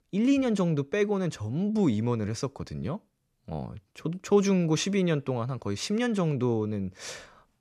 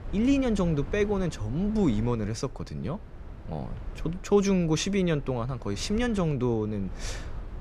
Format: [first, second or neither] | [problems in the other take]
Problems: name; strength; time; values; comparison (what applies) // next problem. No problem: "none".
first | low rumble; noticeable; throughout; 20 dB below the speech